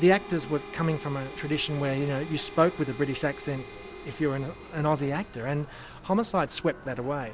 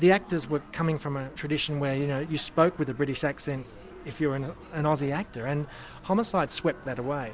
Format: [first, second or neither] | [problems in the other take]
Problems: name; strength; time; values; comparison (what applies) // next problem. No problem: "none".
second | background sound (Harmonica); 17 dB below the speech